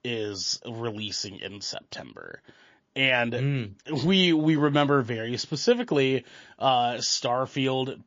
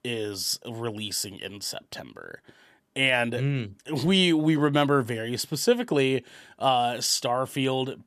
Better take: second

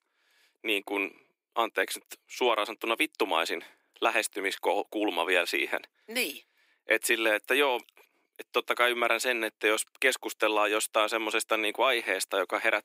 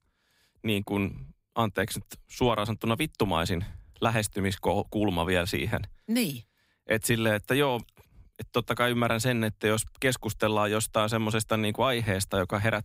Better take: second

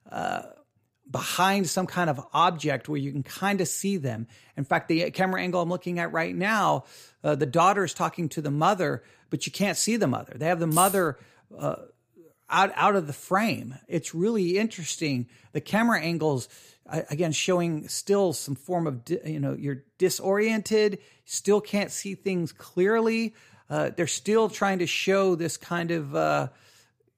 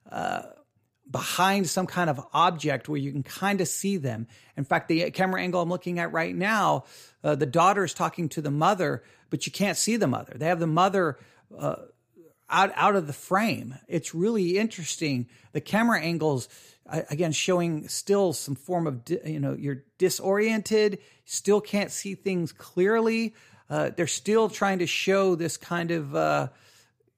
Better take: second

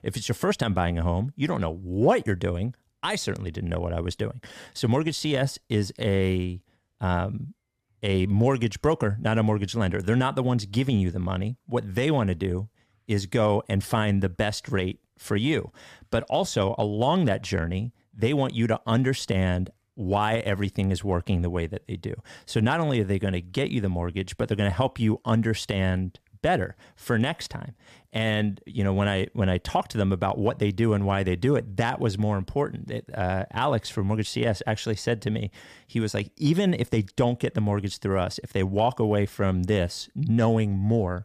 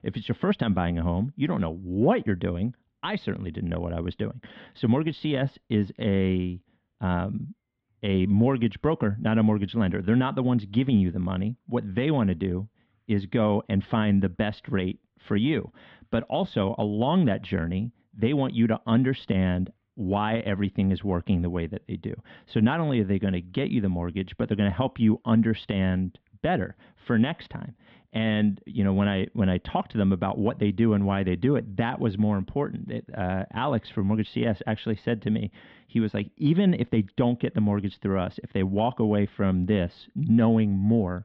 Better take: first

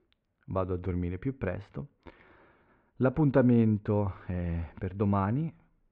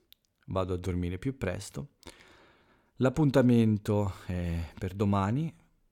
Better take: second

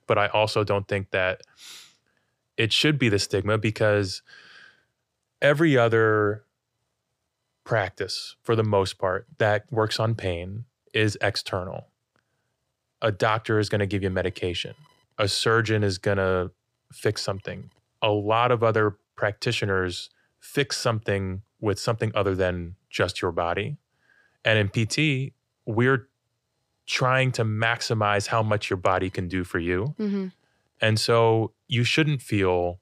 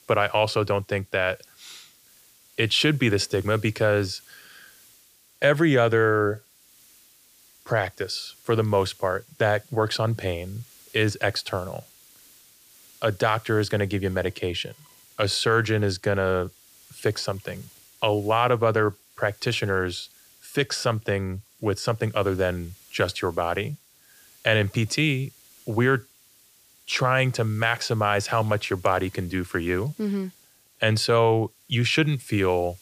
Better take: first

